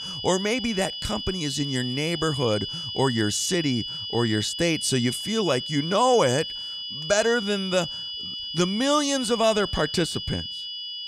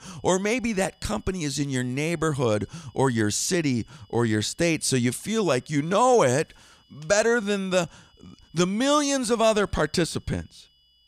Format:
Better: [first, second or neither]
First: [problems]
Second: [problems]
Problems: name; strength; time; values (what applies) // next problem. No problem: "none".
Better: second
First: high-pitched whine; loud; throughout; 3 kHz, 6 dB below the speech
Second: high-pitched whine; faint; throughout; 3 kHz, 35 dB below the speech